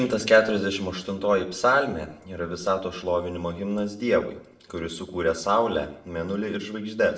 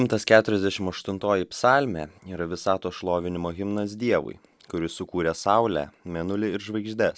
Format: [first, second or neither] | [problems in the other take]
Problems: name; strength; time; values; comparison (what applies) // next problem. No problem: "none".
second | room echo; dies away in 0.5 s